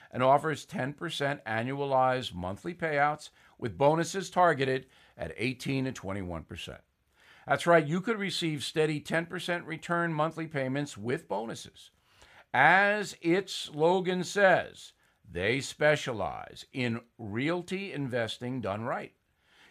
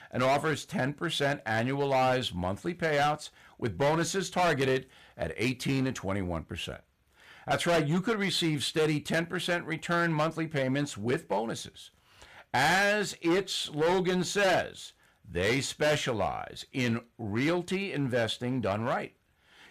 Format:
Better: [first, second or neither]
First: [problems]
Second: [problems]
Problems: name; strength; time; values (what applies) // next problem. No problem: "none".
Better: first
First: none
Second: distortion; heavy; 9% of the sound clipped